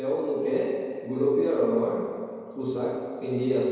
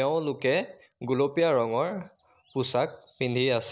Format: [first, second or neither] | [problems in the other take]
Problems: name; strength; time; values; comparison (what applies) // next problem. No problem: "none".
second | room echo; dies away in 2.2 s